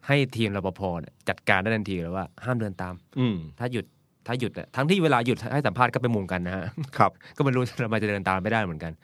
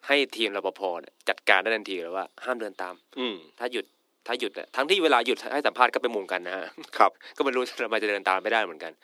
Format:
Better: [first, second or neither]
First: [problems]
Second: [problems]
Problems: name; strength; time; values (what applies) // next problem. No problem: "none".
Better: first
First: none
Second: thin; somewhat; fading below 300 Hz